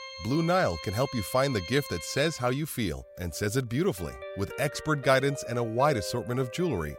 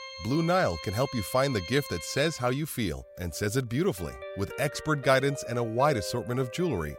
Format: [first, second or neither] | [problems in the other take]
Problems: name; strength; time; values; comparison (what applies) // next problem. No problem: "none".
neither | background music; noticeable; throughout; 10 dB below the speech; the same in both